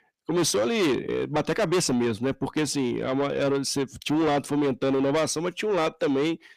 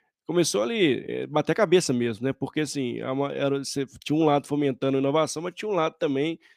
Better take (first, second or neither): second